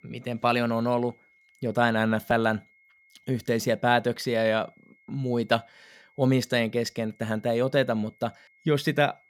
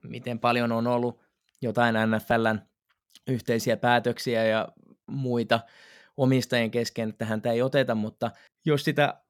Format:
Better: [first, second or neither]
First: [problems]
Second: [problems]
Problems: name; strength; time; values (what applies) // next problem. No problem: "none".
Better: second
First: high-pitched whine; faint; throughout; 2 kHz, 35 dB below the speech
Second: none